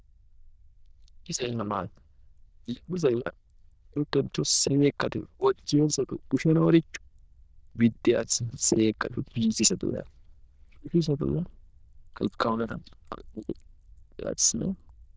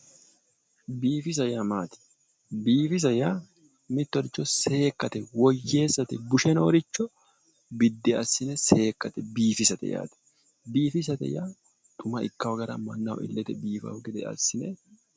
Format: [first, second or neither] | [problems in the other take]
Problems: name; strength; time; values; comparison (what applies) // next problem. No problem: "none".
second | noise reduction (neural diffusion model UNIVERSE++)